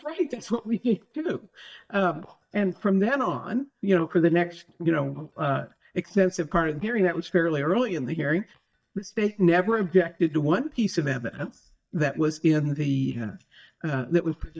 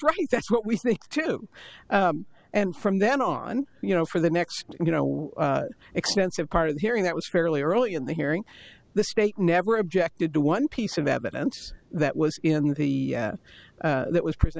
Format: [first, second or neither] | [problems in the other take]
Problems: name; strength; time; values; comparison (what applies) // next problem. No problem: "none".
second | noise reduction (neural mask model DeepFilterNet 3)